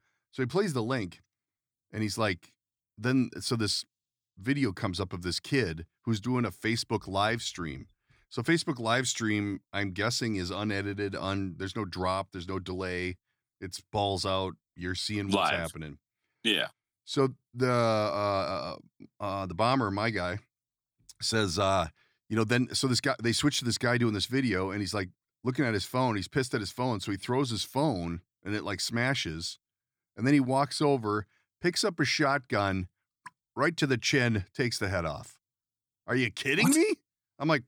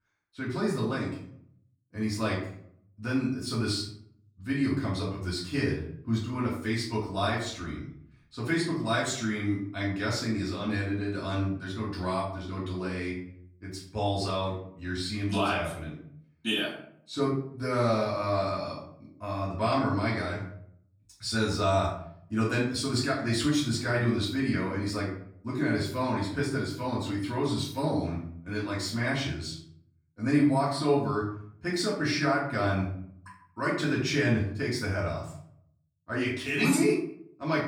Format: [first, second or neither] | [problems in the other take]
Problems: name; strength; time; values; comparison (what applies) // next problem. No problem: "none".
first | off-mic speech; far // room echo; noticeable; dies away in 0.6 s